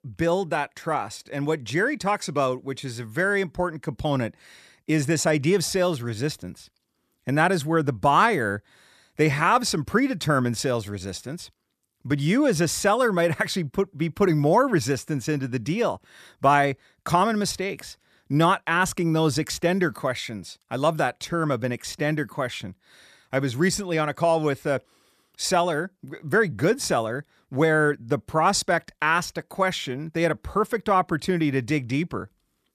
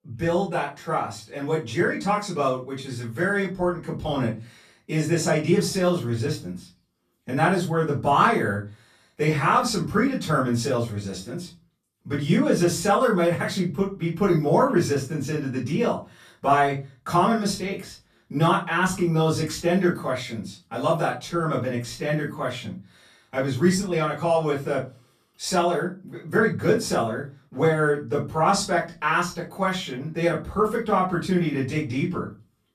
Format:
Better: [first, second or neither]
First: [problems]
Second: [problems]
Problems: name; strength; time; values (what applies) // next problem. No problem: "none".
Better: first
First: none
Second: room echo; slight; dies away in 0.3 s // off-mic speech; far